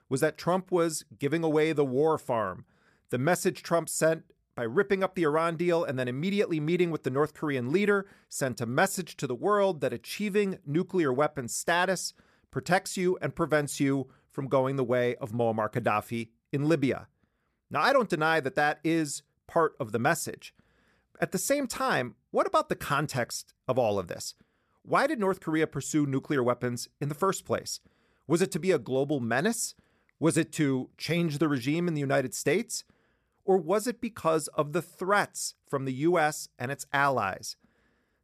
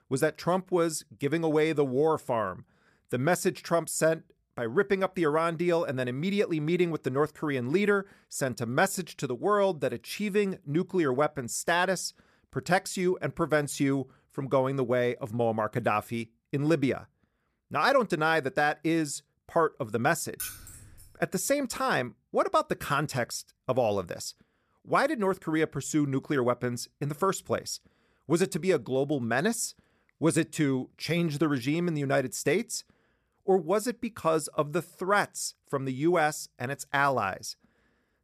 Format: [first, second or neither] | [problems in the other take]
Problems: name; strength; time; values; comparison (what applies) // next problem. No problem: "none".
first | jangling keys; noticeable; at 20 s; peak 9 dB below the speech